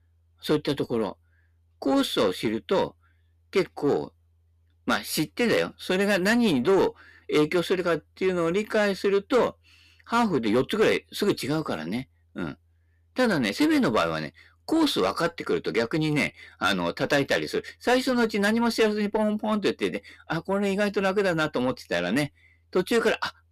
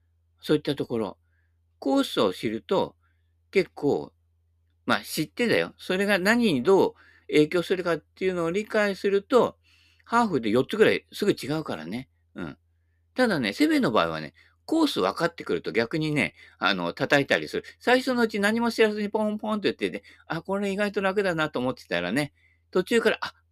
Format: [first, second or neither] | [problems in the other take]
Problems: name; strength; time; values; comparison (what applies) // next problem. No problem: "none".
second | distortion; slight; 10 dB below the speech